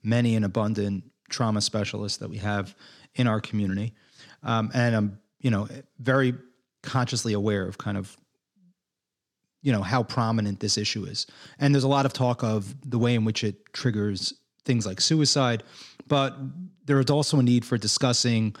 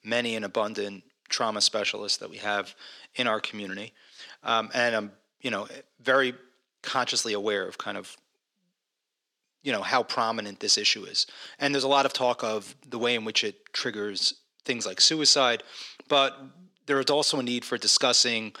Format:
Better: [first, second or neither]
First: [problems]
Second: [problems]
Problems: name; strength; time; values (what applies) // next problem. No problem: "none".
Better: first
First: none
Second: thin; somewhat; fading below 500 Hz